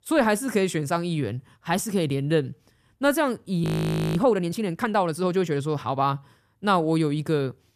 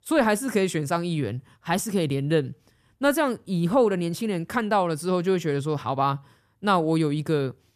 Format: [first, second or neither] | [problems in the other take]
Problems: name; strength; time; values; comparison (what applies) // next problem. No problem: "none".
second | audio freezing; at 3.5 s for 0.5 s